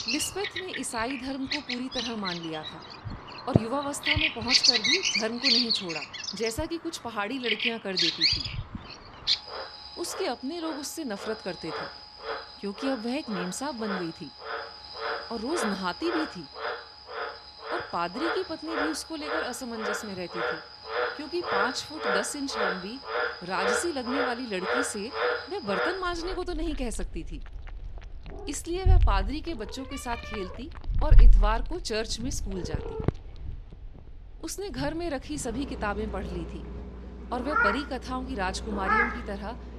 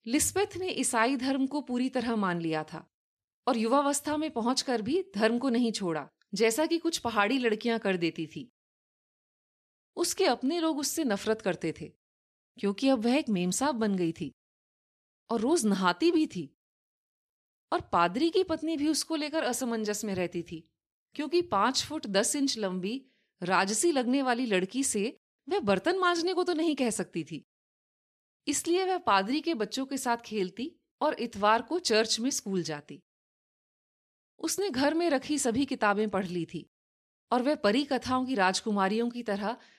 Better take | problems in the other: second | animal sounds; very loud; throughout; 4 dB above the speech

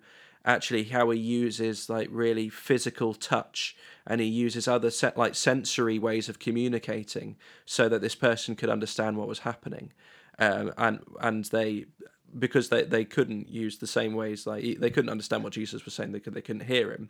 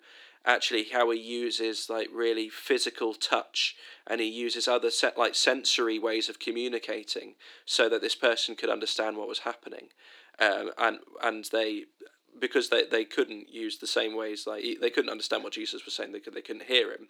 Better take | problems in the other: first | thin; somewhat; fading below 300 Hz

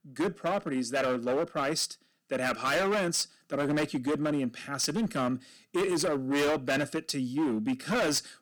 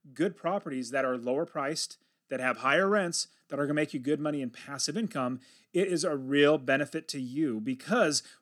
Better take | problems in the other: second | distortion; heavy; 17% of the sound clipped

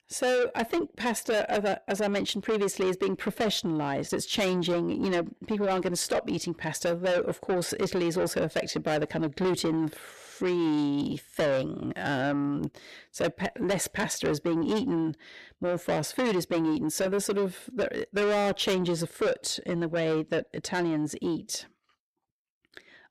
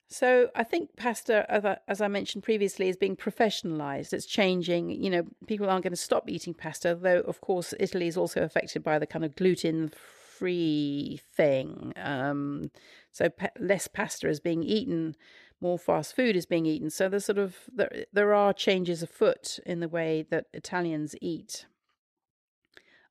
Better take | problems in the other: second | distortion; heavy; 7 dB below the speech

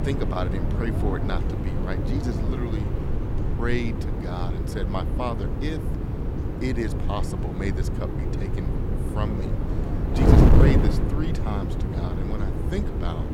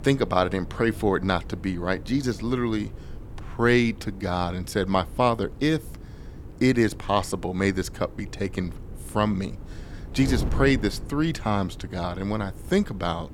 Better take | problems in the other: second | wind noise on the microphone; heavy; 1 dB above the speech; occasional gusts in the second

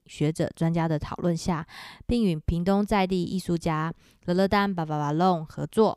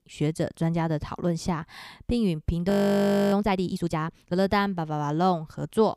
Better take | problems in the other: first | audio freezing; at 2.5 s for 0.5 s

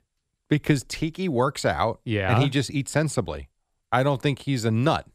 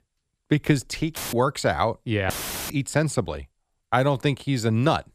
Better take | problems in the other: first | audio cutting out; filled with static; at 1 s and at 2.5 s

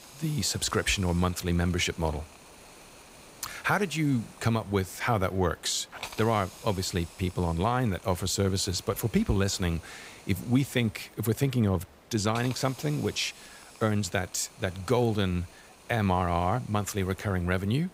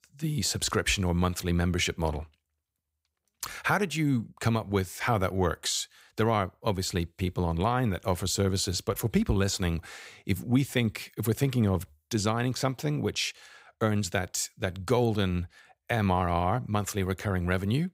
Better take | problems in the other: second | hiss; noticeable; throughout; 20 dB below the speech

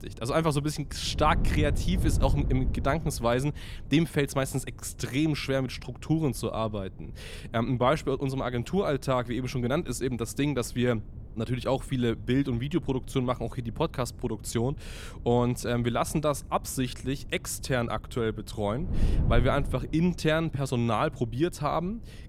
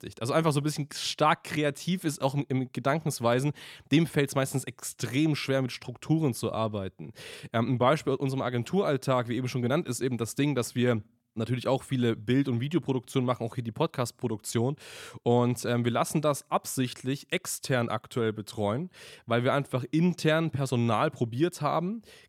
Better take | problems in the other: second | wind noise on the microphone; occasional gusts; 20 dB below the speech

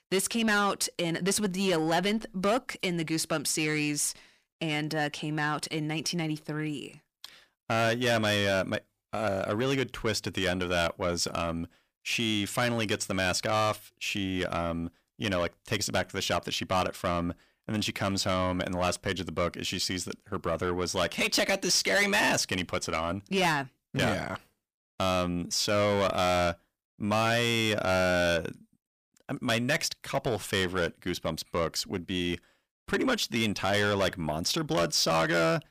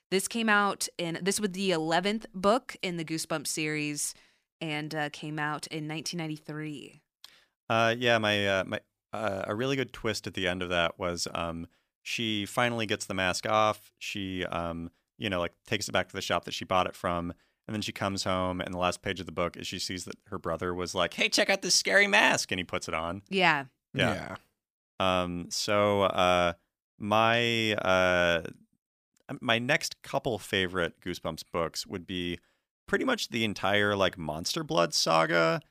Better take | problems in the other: second | distortion; heavy; 7 dB below the speech

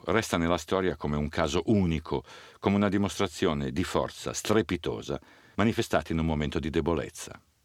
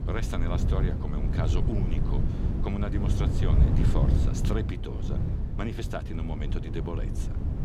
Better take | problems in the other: first | wind noise on the microphone; heavy; 1 dB below the speech

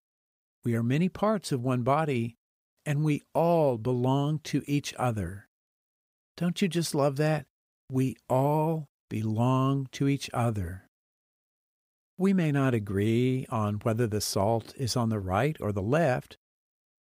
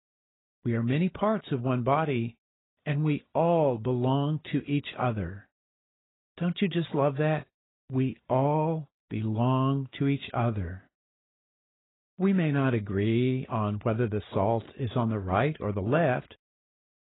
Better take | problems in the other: first | garbled, watery; badly; nothing above 4 kHz

